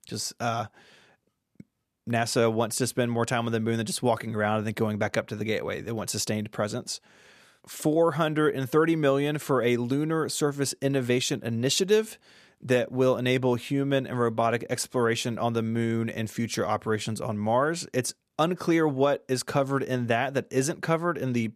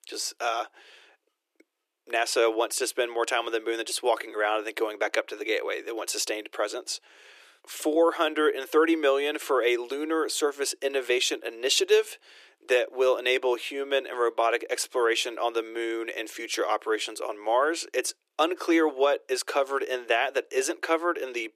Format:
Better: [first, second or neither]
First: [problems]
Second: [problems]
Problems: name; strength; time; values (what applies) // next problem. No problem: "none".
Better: first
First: none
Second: thin; very; fading below 300 Hz